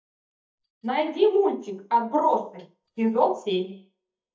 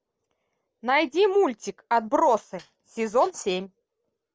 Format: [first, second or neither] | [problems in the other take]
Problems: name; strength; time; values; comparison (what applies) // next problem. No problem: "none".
second | noise reduction (neural mask model DeepFilterNet 3)